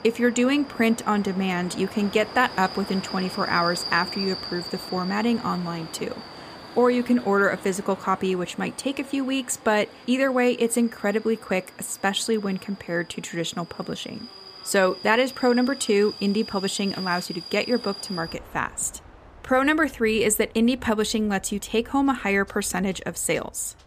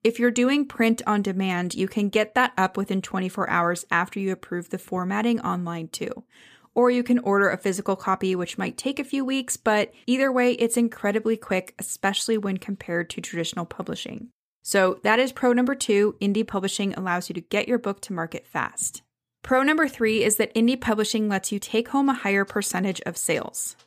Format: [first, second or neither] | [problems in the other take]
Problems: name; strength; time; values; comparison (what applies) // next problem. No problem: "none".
second | train or aircraft noise; noticeable; throughout; 15 dB below the speech